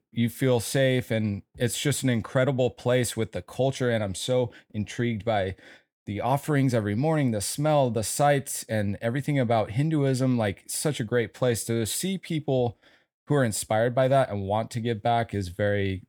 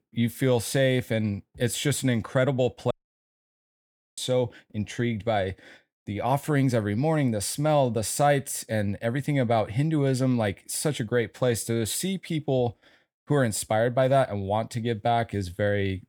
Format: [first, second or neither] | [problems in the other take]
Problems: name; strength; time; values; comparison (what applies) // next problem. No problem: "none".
first | audio cutting out; at 3 s for 1.5 s